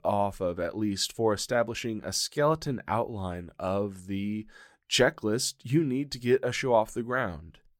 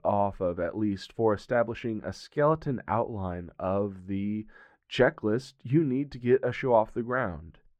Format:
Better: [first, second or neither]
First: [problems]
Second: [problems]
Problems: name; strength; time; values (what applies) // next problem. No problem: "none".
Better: first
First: none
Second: muffled; very; fading above 4 kHz